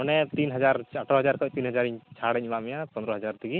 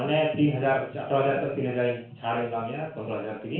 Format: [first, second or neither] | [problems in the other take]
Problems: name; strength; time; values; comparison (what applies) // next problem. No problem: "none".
first | room echo; dies away in 0.4 s